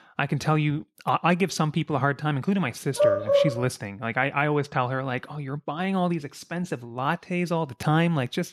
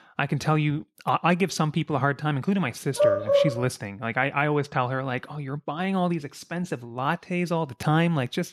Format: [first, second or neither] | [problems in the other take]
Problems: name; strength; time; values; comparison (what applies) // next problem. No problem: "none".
neither | dog barking; loud; at 3 s; peak 6 dB above the speech; the same in both